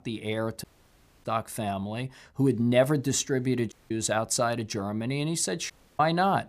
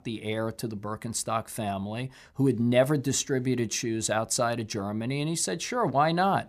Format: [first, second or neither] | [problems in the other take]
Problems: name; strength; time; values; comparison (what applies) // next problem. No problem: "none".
second | audio cutting out; at 0.5 s for 0.5 s, at 3.5 s and at 5.5 s